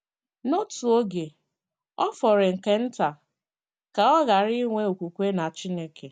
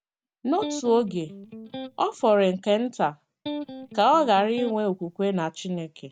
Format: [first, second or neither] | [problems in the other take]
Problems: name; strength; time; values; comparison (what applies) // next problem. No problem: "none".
first | background sound (Electric guitar); 12 dB below the speech